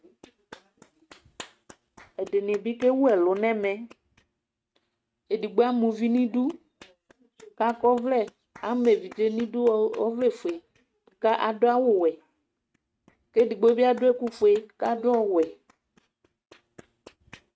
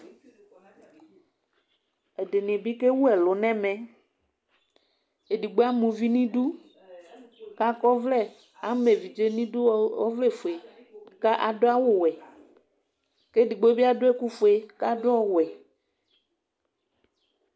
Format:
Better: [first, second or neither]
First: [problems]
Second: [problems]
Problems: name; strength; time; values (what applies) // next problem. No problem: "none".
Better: second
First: noise reduction (neural mask model RNNoise)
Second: none